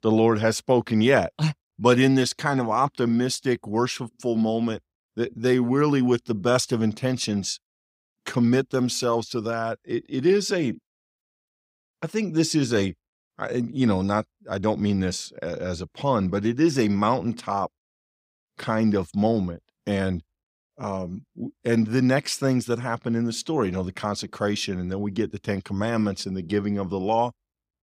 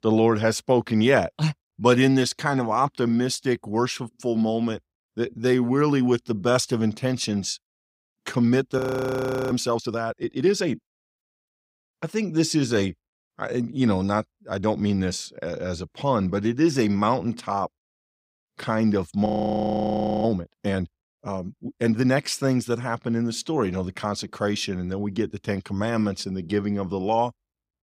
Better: first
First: none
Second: audio freezing; at 9 s for 0.5 s and at 19 s for 1 s

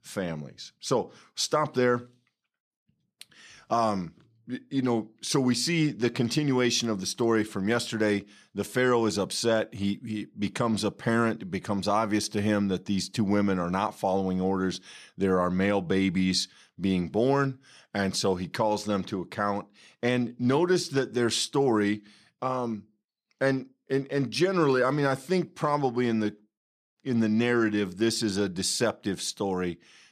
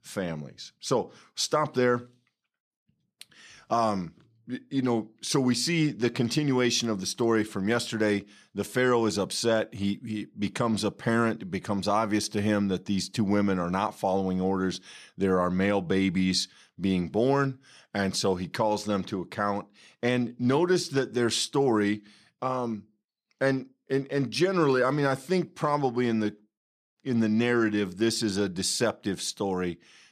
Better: neither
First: none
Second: none

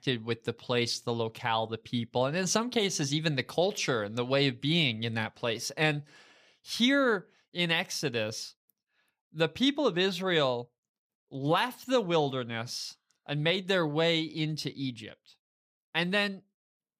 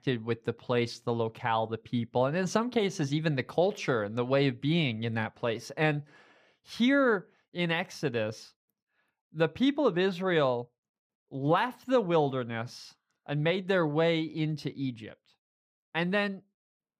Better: first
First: none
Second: muffled; slightly; fading above 2.5 kHz

